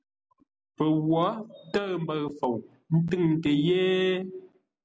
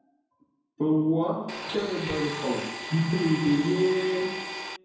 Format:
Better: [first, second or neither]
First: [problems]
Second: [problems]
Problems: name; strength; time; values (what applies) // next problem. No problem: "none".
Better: first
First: none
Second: background sound (Domestic sounds, home sounds); 8 dB below the speech // room echo; dies away in 1 s